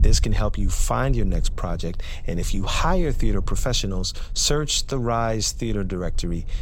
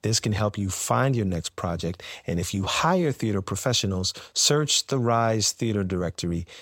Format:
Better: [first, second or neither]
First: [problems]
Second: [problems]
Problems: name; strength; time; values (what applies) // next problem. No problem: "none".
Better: second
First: low rumble; faint; throughout; 25 dB below the speech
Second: none